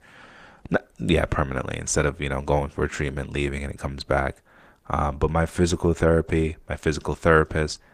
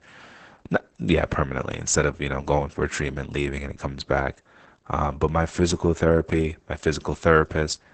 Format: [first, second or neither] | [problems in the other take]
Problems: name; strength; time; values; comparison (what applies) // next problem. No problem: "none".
first | garbled, watery; badly; nothing above 8 kHz; slightly in the first